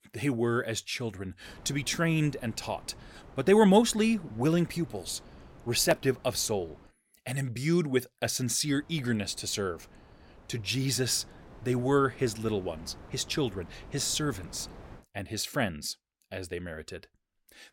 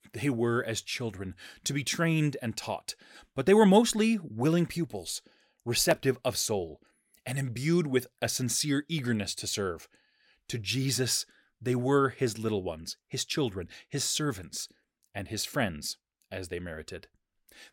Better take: second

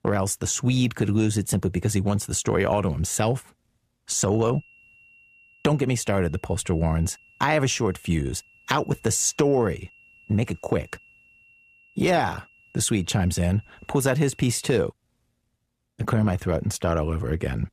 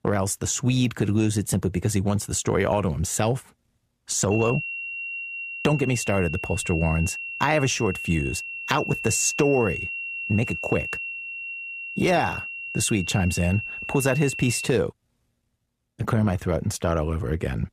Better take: first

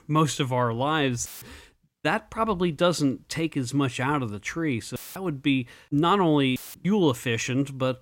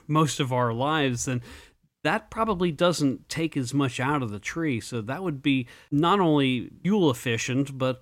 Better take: second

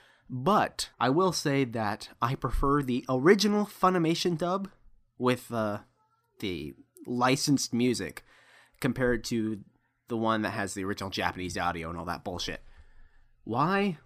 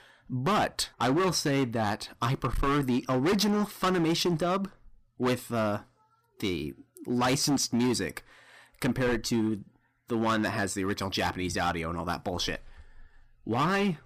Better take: first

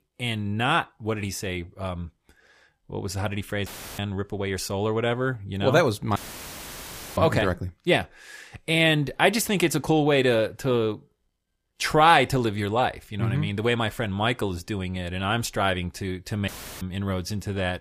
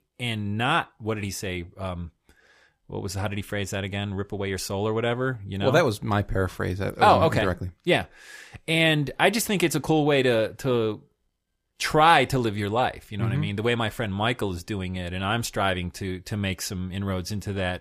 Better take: second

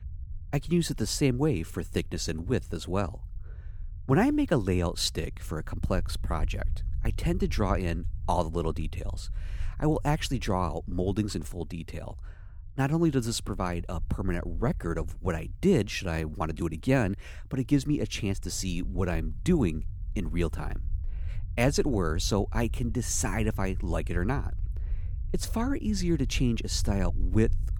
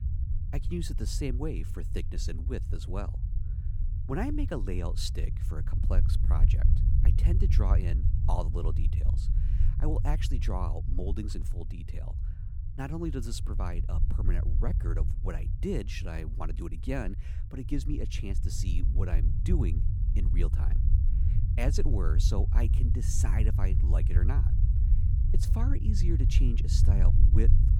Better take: first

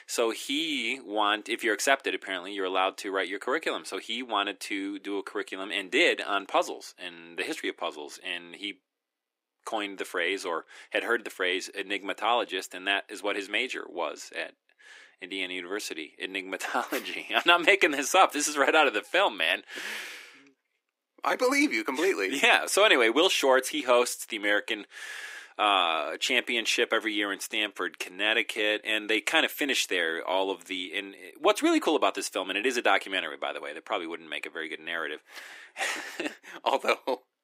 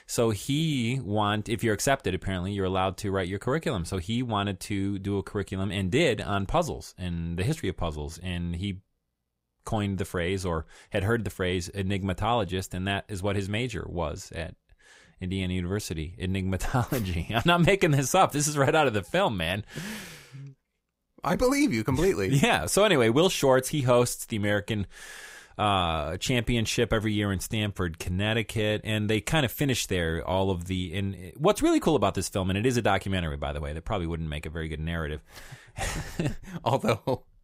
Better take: second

